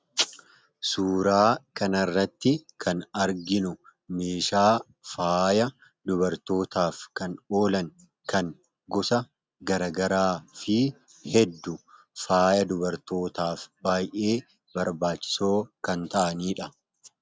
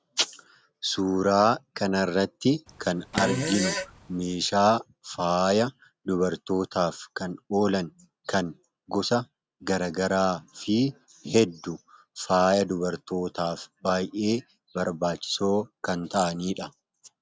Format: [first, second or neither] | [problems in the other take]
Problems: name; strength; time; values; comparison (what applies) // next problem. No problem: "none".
first | background sound (Fart); 5 dB below the speech